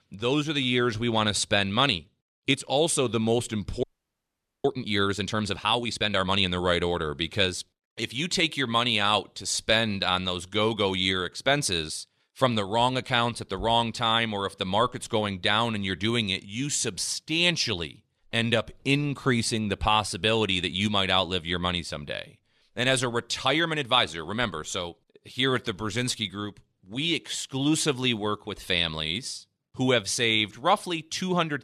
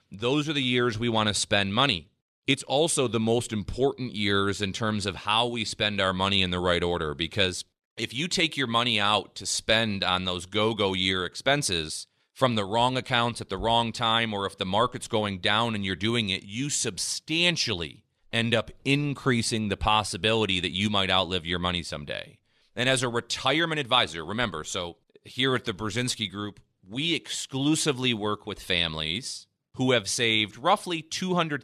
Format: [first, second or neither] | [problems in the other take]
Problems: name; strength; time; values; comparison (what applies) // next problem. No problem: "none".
second | audio freezing; at 4 s for 1 s